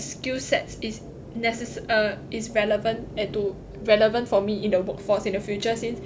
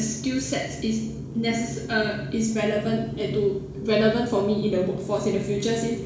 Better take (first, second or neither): first